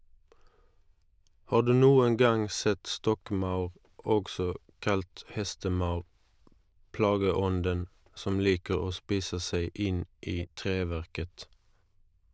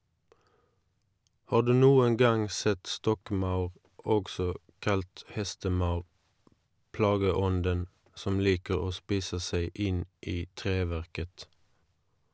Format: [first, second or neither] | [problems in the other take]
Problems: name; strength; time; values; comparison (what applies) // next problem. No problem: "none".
second | noise reduction (neural diffusion model UNIVERSE++)